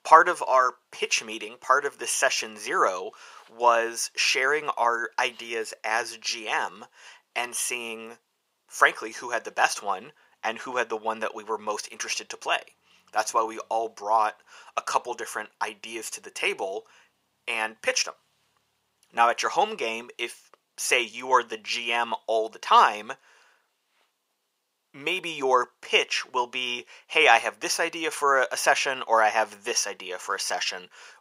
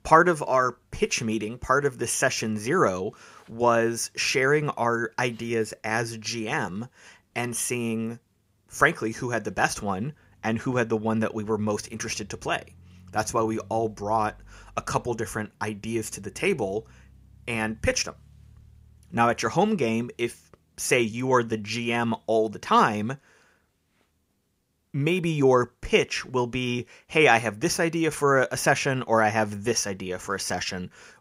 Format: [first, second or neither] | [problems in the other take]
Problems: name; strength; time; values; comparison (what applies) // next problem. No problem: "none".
second | thin; very; fading below 650 Hz